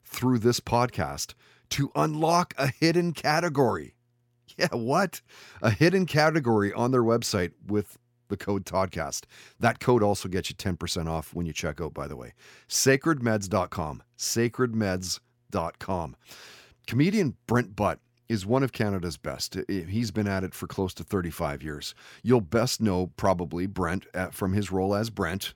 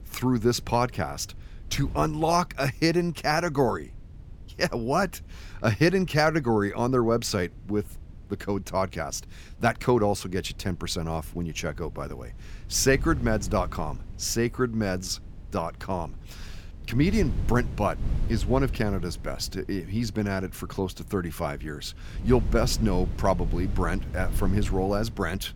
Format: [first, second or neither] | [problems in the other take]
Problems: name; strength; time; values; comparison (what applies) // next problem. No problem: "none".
first | wind noise on the microphone; occasional gusts; 20 dB below the speech